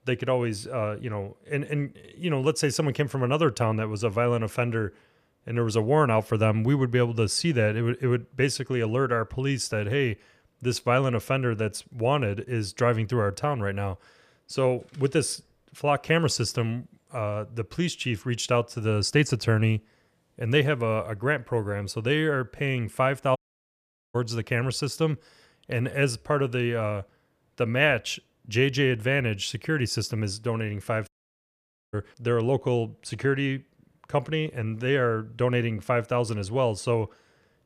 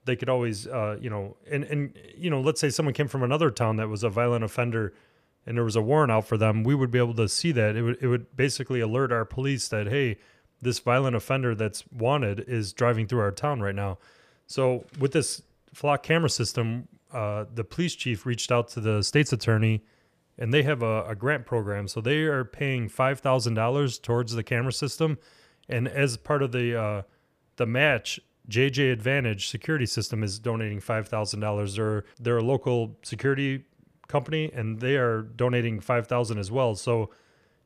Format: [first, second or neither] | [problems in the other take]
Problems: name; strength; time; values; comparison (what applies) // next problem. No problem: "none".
second | audio cutting out; at 23 s for 1 s and at 31 s for 1 s